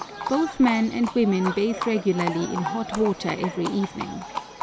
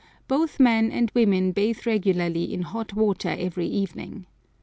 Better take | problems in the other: second | background sound (Livestock, farm animals, working animals); 8 dB below the speech

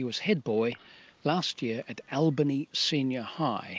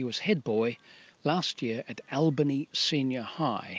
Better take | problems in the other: second | noise reduction (neural mask model Resemble Enhance denoiser)

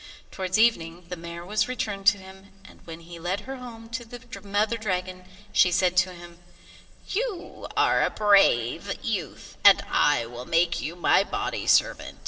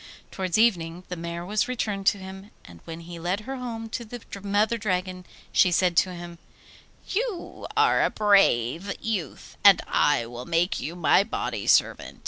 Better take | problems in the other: second | room echo; dies away in 2.7 s

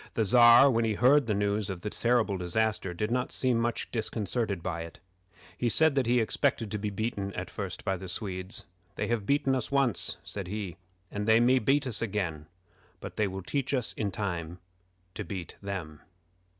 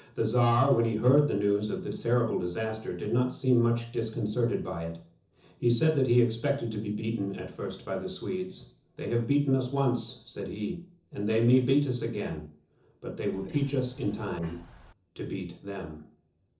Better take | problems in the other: first | noise reduction (neural separator model SepFormer DNS4)

